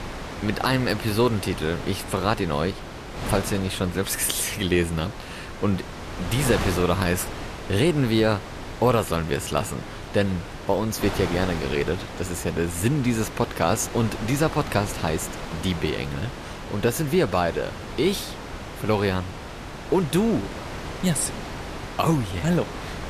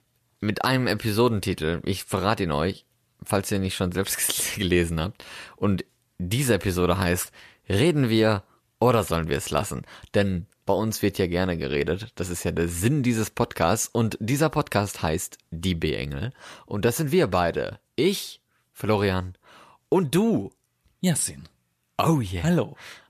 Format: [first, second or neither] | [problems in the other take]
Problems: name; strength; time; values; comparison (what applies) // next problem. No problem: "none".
second | wind noise on the microphone; heavy; 9 dB below the speech